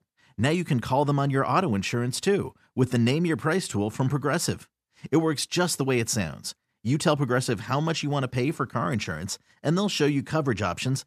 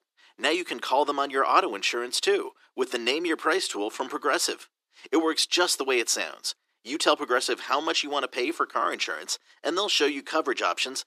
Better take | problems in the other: first | thin; very; fading below 350 Hz

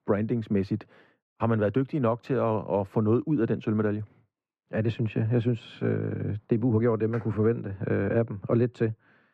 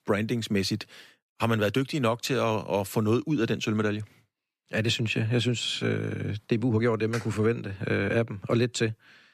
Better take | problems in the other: second | muffled; very; fading above 2.5 kHz

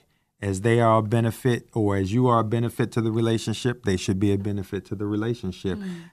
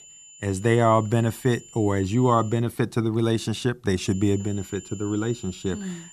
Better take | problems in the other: first | high-pitched whine; noticeable; until 2.5 s and from 4 s on; 7 kHz, 20 dB below the speech

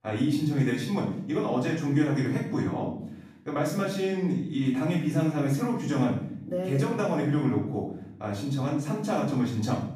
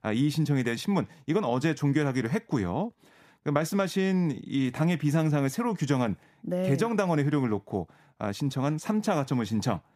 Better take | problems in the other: second | off-mic speech; far // room echo; noticeable; dies away in 0.6 s

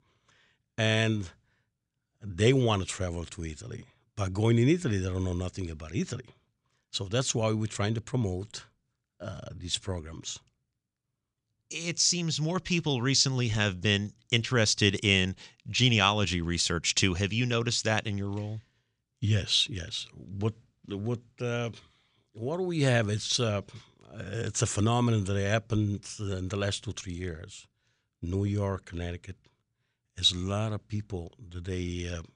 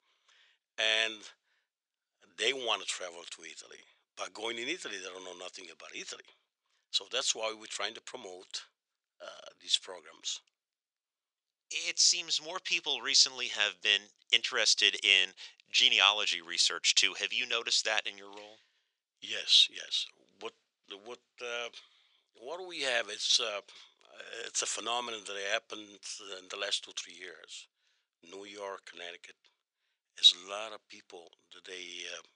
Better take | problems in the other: first | thin; very; fading below 500 Hz

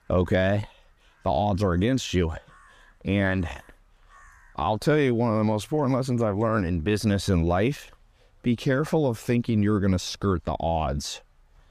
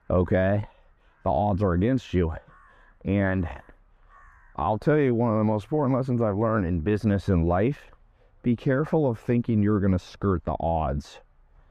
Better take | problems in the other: first | muffled; very; fading above 3 kHz

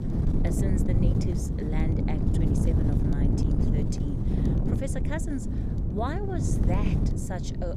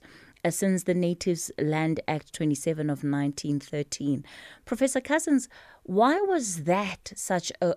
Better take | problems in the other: second | wind noise on the microphone; heavy; 2 dB above the speech

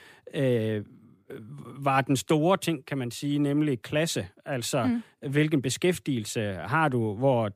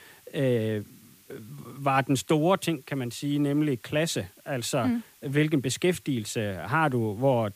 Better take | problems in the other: first | hiss; faint; throughout; 25 dB below the speech

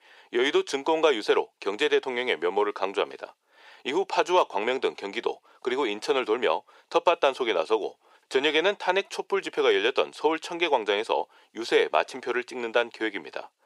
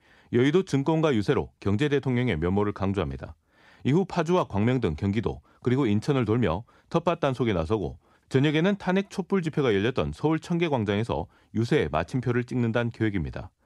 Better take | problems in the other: second | thin; very; fading below 450 Hz

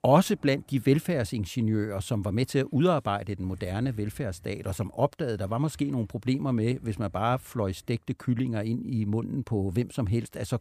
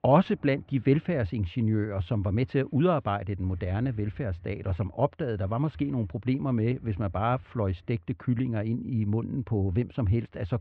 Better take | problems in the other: first | muffled; very; fading above 3 kHz

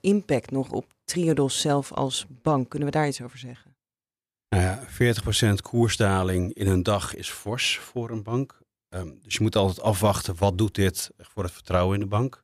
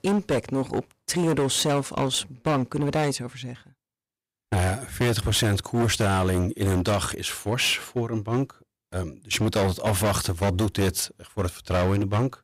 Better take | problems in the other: first | distortion; heavy; 16% of the sound clipped

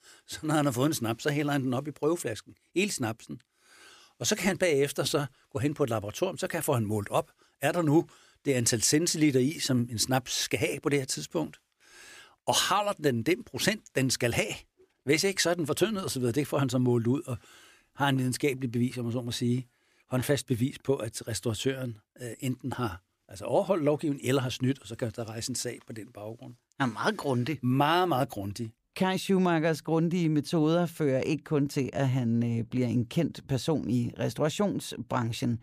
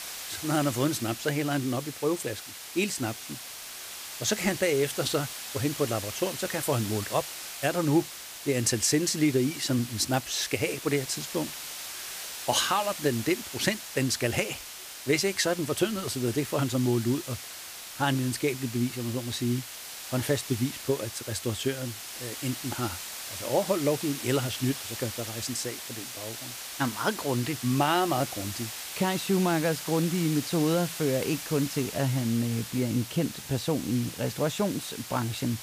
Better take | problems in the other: first | hiss; loud; throughout; 8 dB below the speech

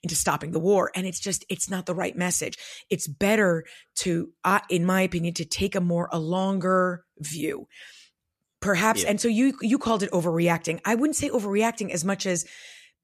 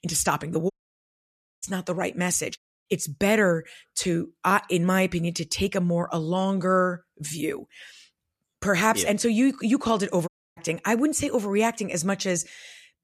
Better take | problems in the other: first | audio cutting out; at 0.5 s for 1 s, at 2.5 s and at 10 s

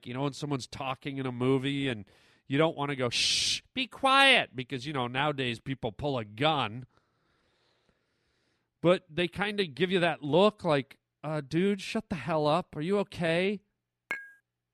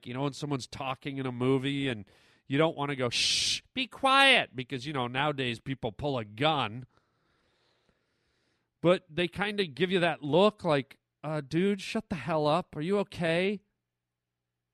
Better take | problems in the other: second | clattering dishes; noticeable; at 14 s; peak 10 dB below the speech

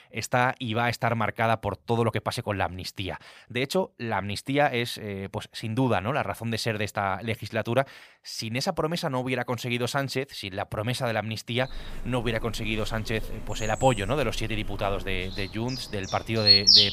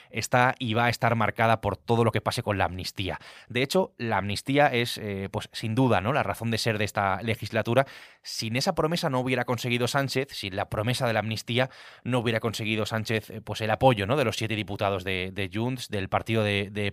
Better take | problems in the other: second | animal sounds; very loud; from 12 s on; 5 dB above the speech

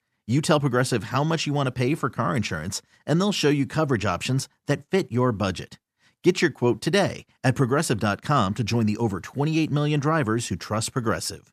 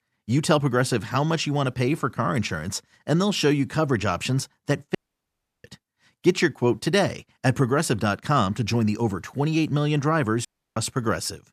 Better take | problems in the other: first | audio cutting out; at 5 s for 0.5 s and at 10 s

